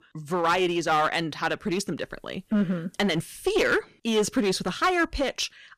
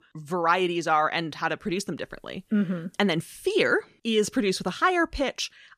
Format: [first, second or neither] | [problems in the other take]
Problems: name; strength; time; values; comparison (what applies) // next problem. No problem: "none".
second | distortion; slight; 8% of the sound clipped